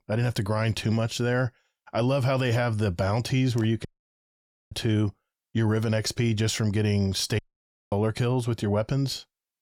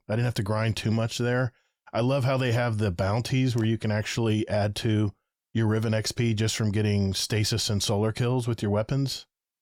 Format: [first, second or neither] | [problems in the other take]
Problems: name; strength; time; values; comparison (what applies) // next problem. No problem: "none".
second | audio cutting out; at 4 s for 1 s and at 7.5 s for 0.5 s